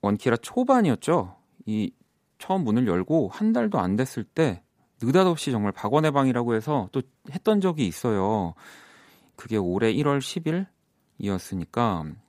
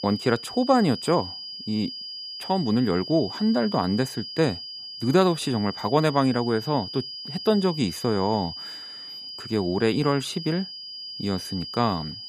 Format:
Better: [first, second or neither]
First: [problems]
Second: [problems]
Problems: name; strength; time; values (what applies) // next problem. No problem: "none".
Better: first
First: none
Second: high-pitched whine; loud; throughout; 5 kHz, 10 dB below the speech